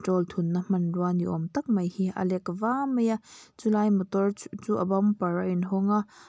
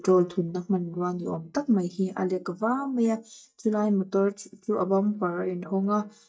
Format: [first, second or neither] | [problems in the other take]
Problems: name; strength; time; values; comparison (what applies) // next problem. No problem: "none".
first | noise reduction (neural mask model DeepFilterNet 3)